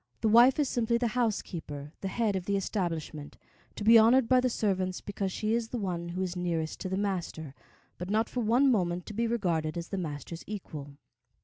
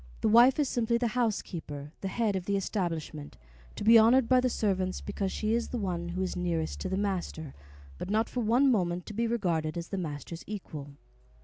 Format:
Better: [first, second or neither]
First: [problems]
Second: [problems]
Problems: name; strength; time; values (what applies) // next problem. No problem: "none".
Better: first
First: none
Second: background sound (Engine); 16 dB below the speech